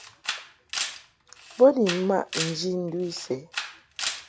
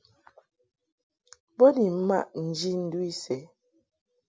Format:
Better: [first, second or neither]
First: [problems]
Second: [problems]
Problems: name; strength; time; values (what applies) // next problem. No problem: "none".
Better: second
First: background sound (Camera); 9 dB below the speech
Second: none